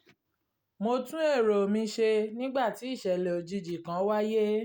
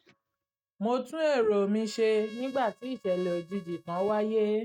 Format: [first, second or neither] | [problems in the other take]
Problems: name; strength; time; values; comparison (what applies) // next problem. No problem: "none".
first | noise reduction (neural mask model RNNoise)